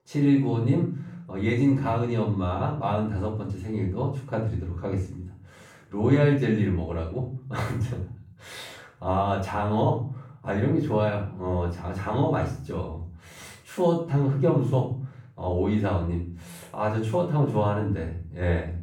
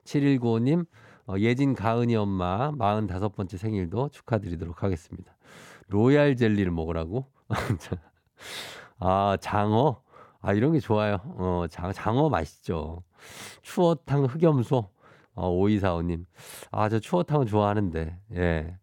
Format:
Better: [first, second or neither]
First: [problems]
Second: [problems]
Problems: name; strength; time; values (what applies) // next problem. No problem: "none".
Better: second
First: room echo; noticeable; dies away in 0.5 s // off-mic speech; far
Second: none